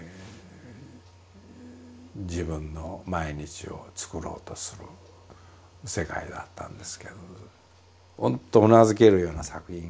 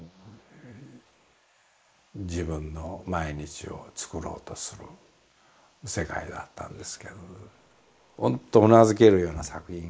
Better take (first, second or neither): first